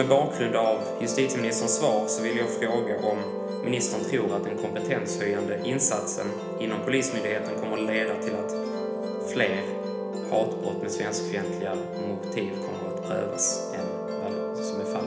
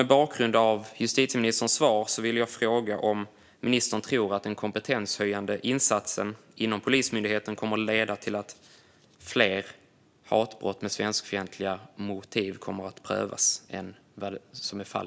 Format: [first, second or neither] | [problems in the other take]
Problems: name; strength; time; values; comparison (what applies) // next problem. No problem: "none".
second | background sound (Musical instrument); 2 dB below the speech // room echo; dies away in 1 s